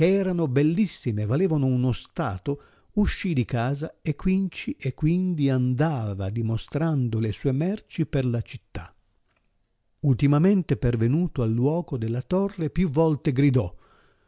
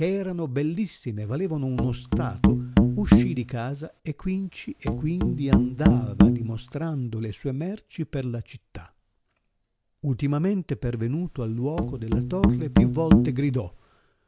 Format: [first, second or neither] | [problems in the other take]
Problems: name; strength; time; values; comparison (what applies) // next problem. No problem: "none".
first | background sound (Musical instrument); 5 dB above the speech